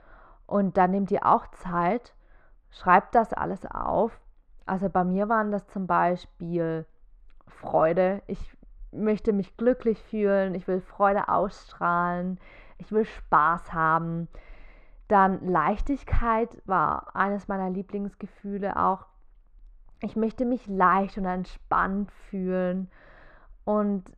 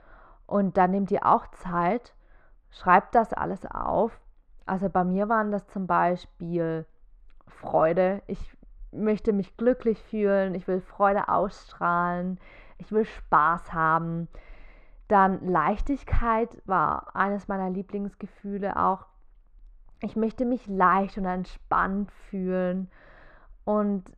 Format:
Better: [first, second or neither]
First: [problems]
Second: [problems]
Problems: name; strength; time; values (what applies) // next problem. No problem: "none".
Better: neither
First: muffled; very; fading above 1.5 kHz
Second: muffled; very; fading above 1.5 kHz